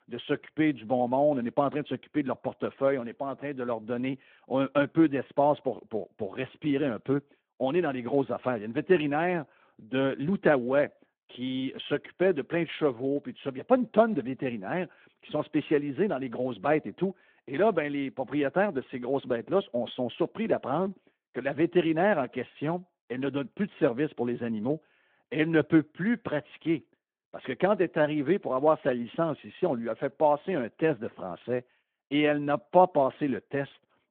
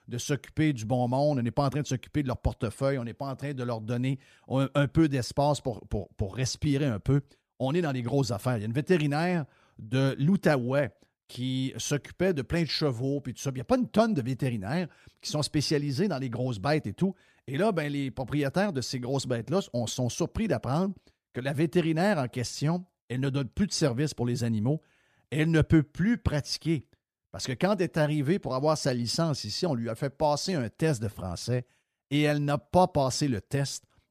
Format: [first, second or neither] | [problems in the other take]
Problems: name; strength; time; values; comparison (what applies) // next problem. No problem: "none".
second | phone-call audio